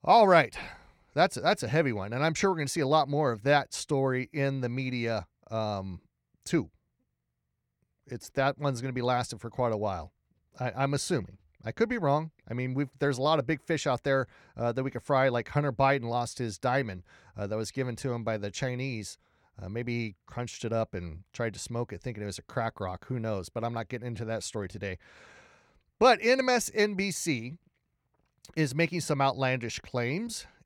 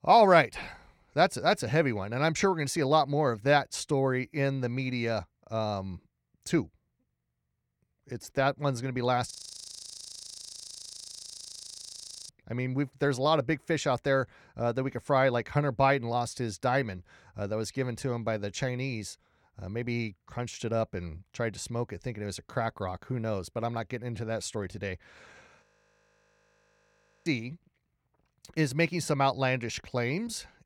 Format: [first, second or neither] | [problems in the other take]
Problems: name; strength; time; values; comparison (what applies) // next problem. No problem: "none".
first | audio freezing; at 9.5 s for 3 s and at 26 s for 1.5 s